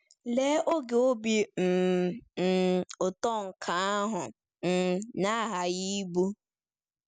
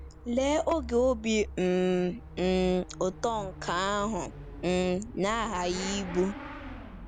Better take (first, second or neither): first